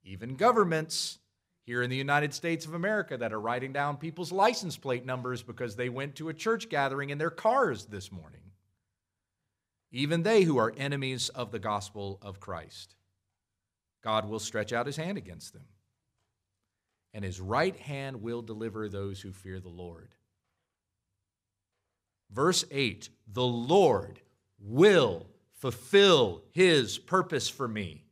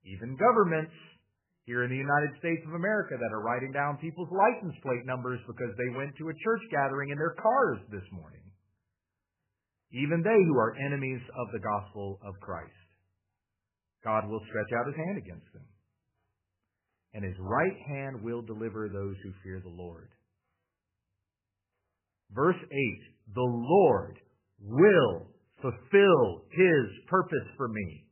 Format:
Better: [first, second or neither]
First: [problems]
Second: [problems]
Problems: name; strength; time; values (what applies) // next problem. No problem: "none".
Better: first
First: none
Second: garbled, watery; badly; nothing above 3 kHz